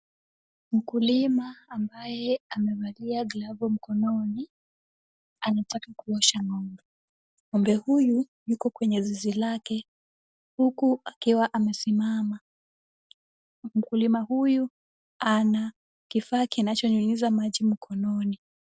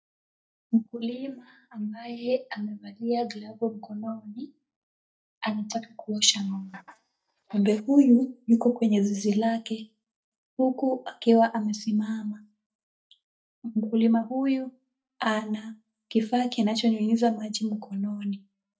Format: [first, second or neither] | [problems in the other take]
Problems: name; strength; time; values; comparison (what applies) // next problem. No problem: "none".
first | noise reduction (neural mask model DeepFilterNet 3)